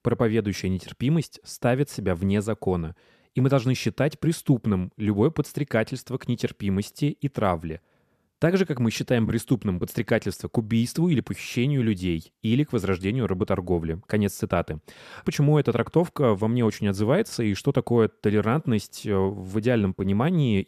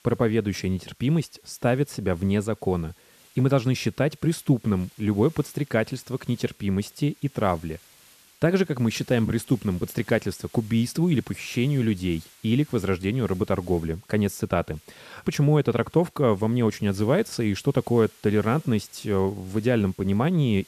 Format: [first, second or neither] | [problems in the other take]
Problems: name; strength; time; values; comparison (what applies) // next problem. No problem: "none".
first | hiss; faint; throughout; 25 dB below the speech